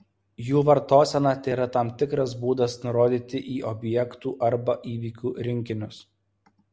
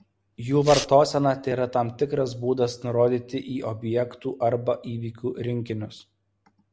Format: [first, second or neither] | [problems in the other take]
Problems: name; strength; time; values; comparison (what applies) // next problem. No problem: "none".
first | background sound (Tearing); 11 dB below the speech